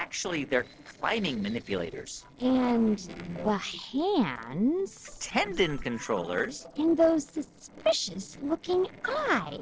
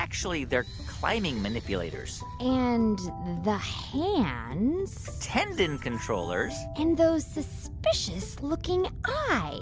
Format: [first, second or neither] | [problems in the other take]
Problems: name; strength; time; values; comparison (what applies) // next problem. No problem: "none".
second | noise reduction (neural separator model SepFormer DNS4)